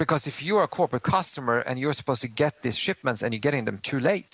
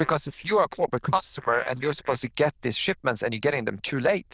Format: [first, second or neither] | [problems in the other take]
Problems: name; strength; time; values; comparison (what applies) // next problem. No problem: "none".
first | noise reduction (neural diffusion model UNIVERSE++)